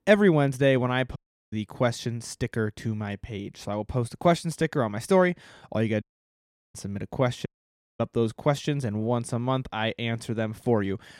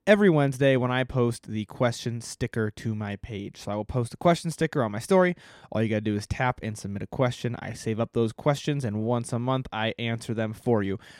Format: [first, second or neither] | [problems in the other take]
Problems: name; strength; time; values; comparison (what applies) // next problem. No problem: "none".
second | audio cutting out; at 1 s, at 6 s for 0.5 s and at 7.5 s for 0.5 s